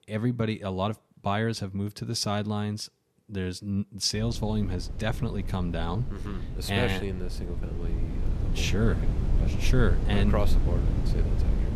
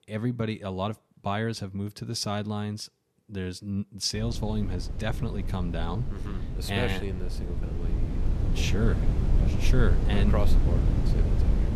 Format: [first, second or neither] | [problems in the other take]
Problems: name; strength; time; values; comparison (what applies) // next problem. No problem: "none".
first | wind noise on the microphone; heavy; from 4 s on; 7 dB below the speech; occasional gusts in the first